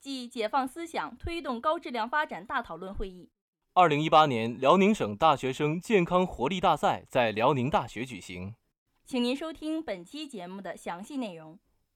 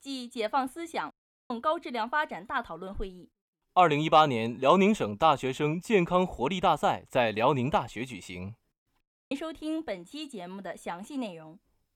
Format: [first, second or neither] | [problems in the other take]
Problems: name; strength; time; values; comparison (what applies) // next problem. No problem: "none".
first | audio cutting out; at 1 s and at 9 s